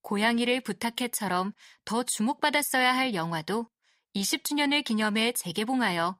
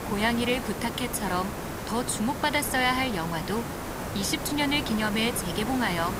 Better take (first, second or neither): first